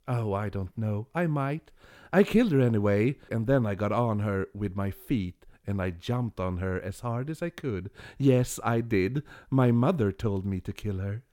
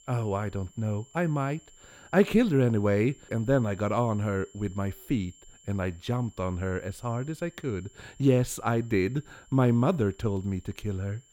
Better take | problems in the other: first | high-pitched whine; faint; throughout; 7.5 kHz, 25 dB below the speech

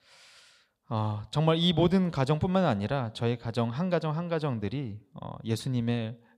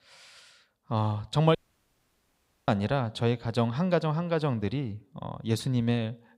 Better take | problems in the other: first | audio cutting out; at 1.5 s for 1 s

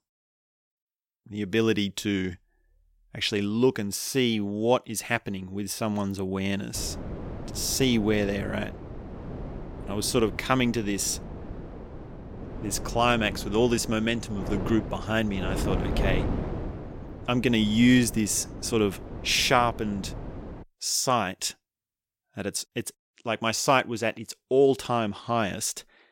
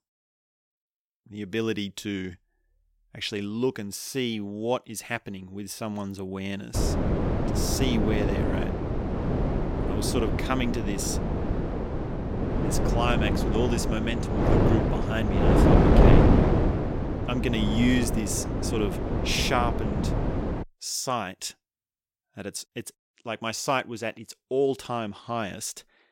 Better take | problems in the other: first | wind noise on the microphone; heavy; from 7 to 21 s; 1 dB above the speech; occasional gusts in the first

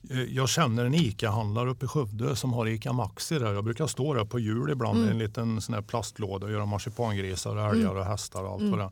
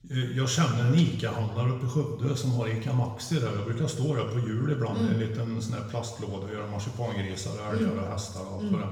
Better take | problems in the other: first | room echo; noticeable; dies away in 1 s // off-mic speech; far

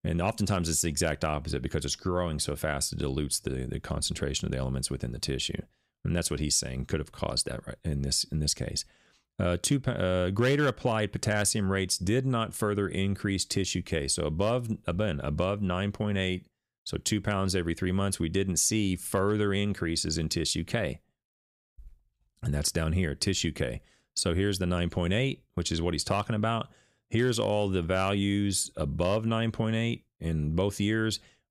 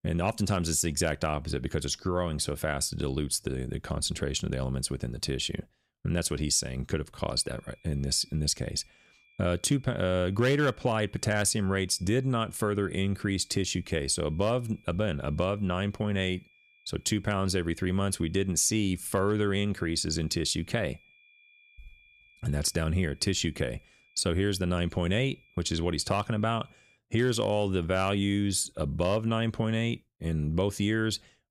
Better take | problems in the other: first | high-pitched whine; faint; from 7.5 to 27 s; 2.5 kHz, 30 dB below the speech

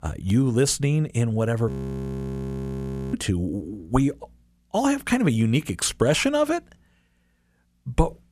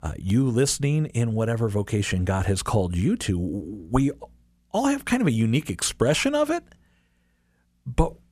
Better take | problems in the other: second | audio freezing; at 1.5 s for 1.5 s

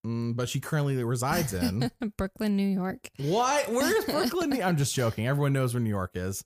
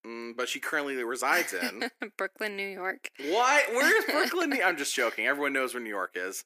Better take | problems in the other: first | thin; somewhat; fading below 300 Hz

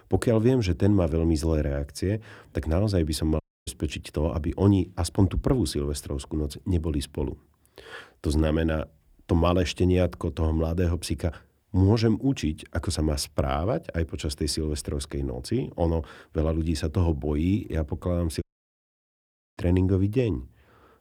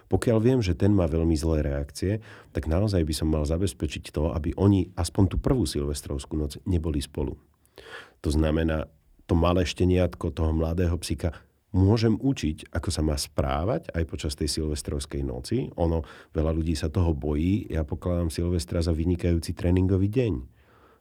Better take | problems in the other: second | audio cutting out; at 3.5 s and at 18 s for 1 s

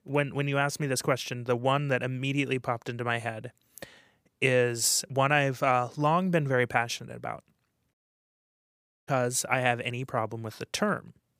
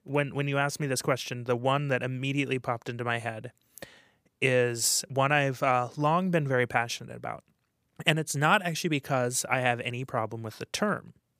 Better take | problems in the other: second | audio cutting out; at 8 s for 1 s

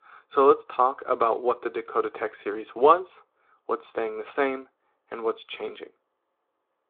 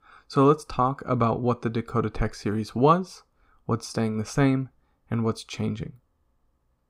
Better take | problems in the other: second | phone-call audio

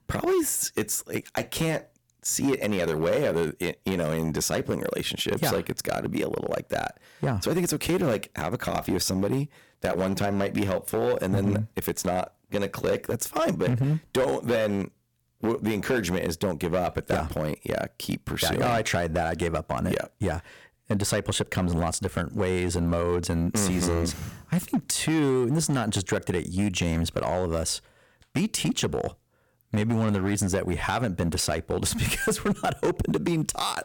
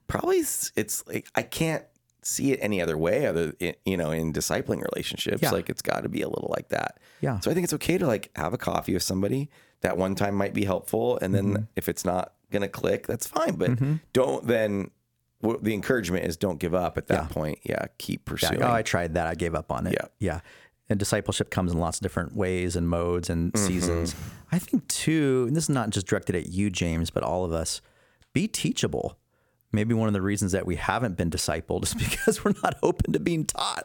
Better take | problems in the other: second | distortion; slight; 8% of the sound clipped

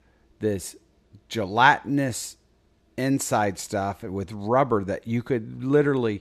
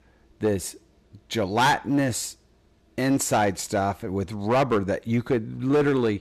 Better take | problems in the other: first | distortion; heavy; 6% of the sound clipped

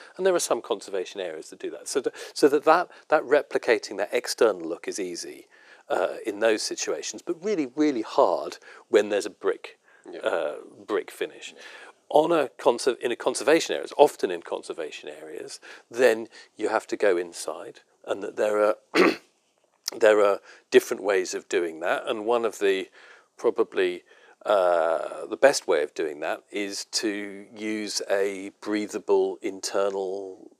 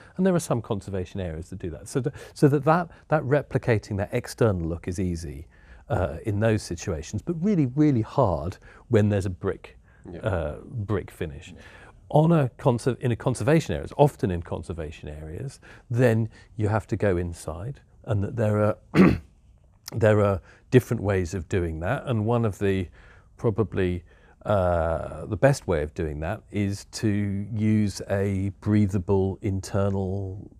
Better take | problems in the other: second | thin; very; fading below 350 Hz

